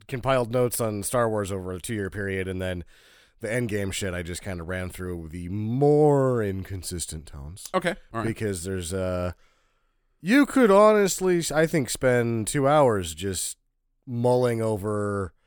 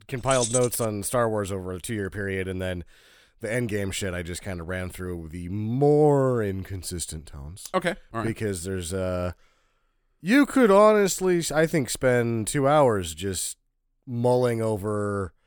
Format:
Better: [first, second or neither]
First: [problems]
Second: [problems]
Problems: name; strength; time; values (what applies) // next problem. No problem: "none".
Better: first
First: none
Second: jangling keys; noticeable; at 0.5 s; peak 2 dB below the speech